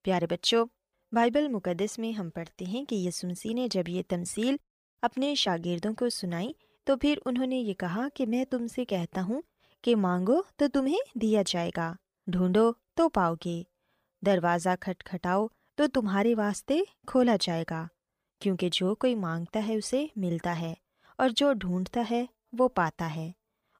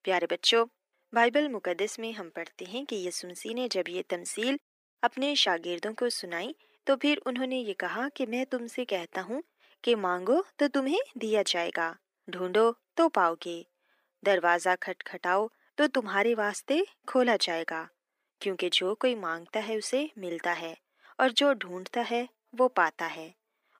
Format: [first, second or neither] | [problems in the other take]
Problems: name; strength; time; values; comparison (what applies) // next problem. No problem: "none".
first | thin; somewhat; fading below 250 Hz